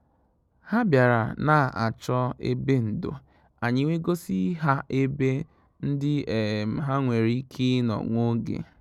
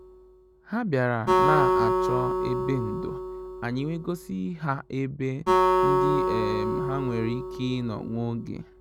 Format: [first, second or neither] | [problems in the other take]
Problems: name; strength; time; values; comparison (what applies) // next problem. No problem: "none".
first | background sound (Acoustic guitar); 3 dB above the speech